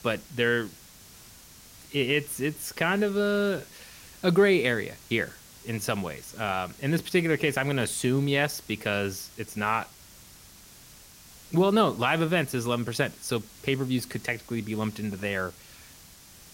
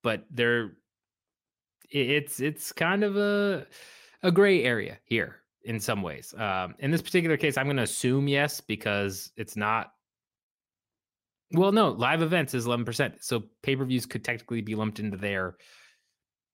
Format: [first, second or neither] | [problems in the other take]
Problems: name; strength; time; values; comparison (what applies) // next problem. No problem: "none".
second | hiss; faint; throughout; 20 dB below the speech